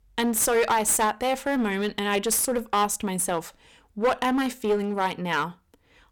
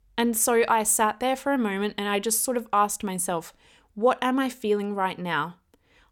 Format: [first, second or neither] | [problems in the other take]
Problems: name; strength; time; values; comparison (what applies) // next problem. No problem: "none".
second | distortion; slight; 9% of the sound clipped